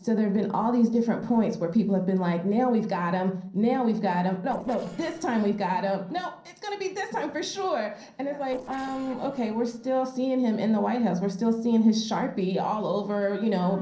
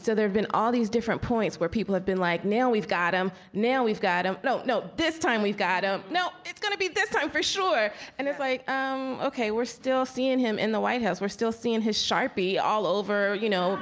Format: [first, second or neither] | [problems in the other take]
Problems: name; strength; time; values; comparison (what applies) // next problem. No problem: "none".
second | noise reduction (neural separator model SepFormer DNS4)